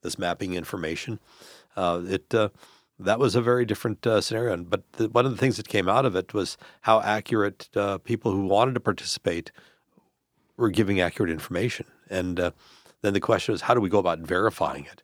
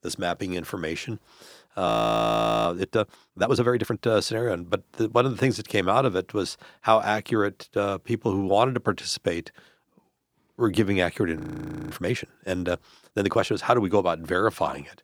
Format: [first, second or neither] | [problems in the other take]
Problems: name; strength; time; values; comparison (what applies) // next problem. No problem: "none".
first | audio freezing; at 2 s for 1 s and at 11 s for 0.5 s